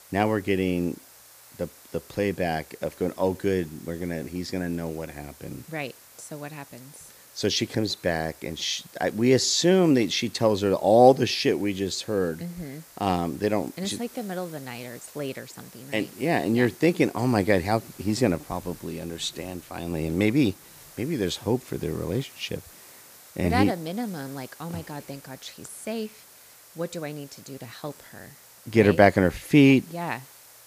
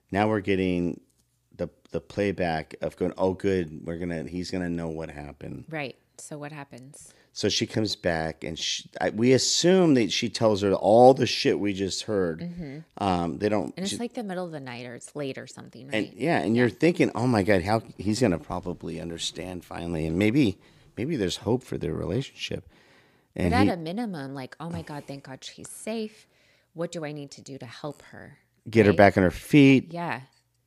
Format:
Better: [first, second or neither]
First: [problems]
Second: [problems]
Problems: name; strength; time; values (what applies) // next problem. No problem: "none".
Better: second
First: hiss; faint; throughout; 20 dB below the speech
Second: none